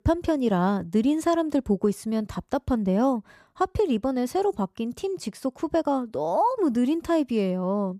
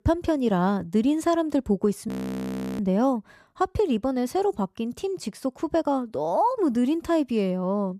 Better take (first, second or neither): first